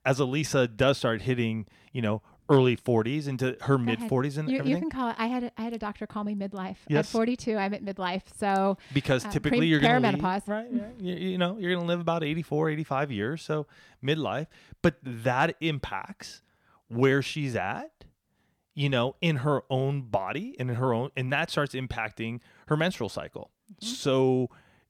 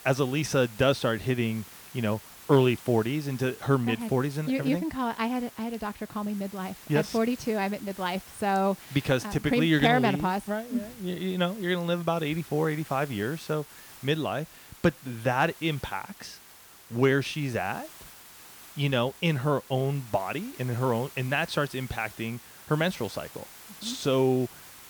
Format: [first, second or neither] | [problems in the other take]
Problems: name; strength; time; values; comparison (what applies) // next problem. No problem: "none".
first | hiss; noticeable; throughout; 20 dB below the speech